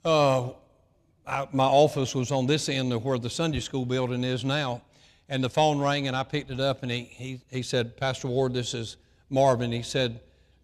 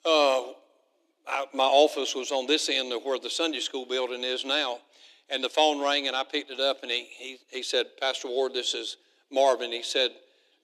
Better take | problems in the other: first | thin; somewhat; fading below 300 Hz

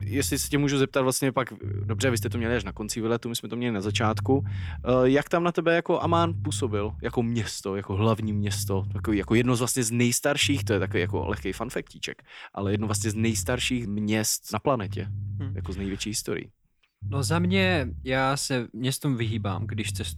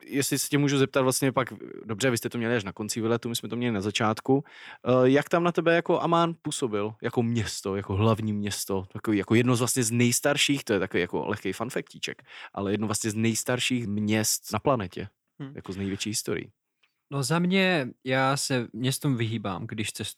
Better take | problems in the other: second | low rumble; faint; throughout; 20 dB below the speech

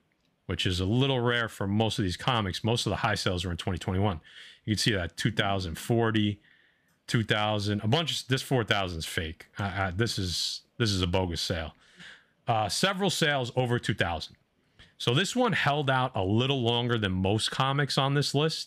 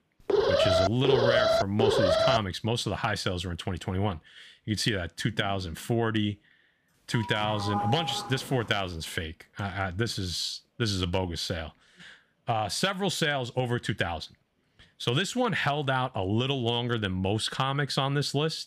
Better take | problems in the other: first | alarm; loud; until 2.5 s; peak 5 dB above the speech // doorbell; noticeable; from 7 to 9 s; peak 2 dB below the speech

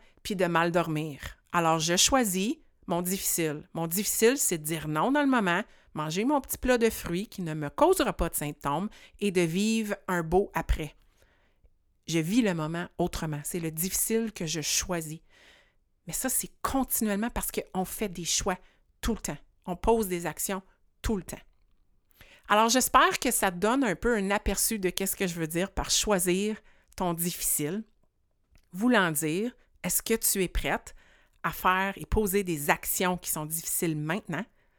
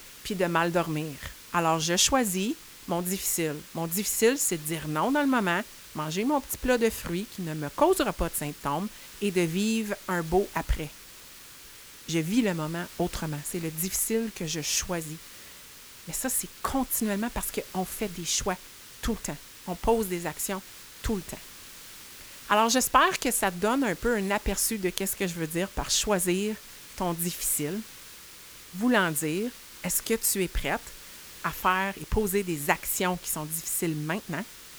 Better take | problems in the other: first | hiss; noticeable; throughout; 15 dB below the speech

